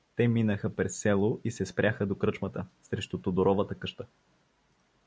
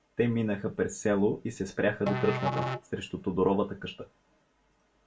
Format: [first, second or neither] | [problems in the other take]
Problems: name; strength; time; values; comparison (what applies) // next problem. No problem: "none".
first | background sound (Musical instrument); 6 dB below the speech // room echo; dies away in 0.2 s